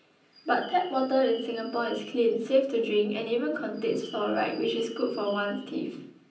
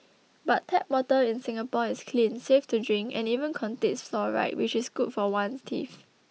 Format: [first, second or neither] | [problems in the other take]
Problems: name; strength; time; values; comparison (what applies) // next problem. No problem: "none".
second | background sound (Bird); 20 dB below the speech // room echo; dies away in 0.6 s